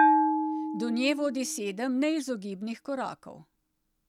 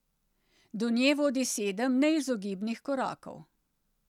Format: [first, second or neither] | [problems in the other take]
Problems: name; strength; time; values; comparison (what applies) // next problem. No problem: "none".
second | background sound (Bell); 2 dB above the speech